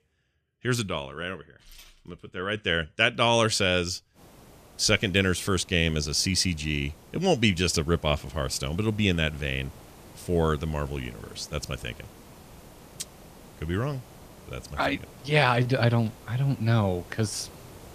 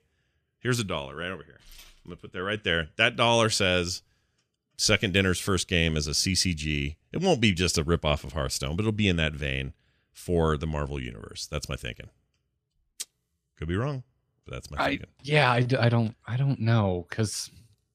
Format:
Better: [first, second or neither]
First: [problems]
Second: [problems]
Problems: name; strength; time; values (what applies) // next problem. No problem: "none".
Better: second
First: hiss; faint; from 4 s on; 25 dB below the speech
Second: none